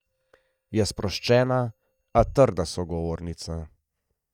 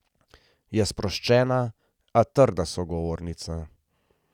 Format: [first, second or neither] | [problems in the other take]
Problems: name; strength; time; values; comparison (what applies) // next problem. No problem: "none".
second | noise reduction (neural mask model DeepFilterNet 3)